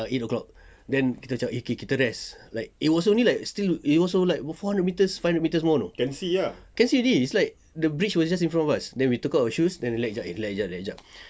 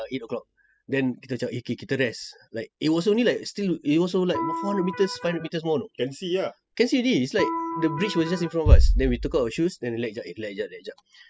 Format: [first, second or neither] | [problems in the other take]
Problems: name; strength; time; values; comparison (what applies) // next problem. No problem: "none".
first | noise reduction (classical method spectral subtraction)